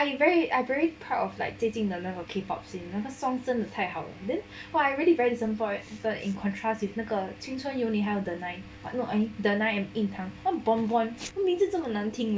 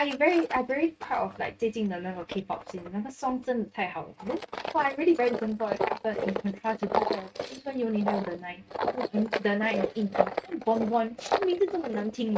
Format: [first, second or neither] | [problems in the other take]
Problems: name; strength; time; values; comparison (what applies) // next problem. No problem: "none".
first | noise reduction (neural mask model RNNoise)